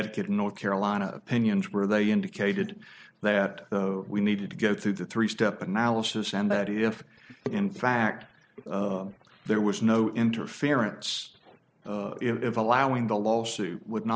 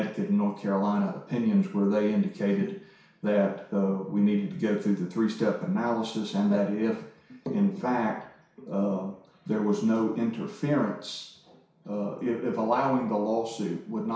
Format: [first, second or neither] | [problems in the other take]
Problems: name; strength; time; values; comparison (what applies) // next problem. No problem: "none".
first | room echo; dies away in 0.6 s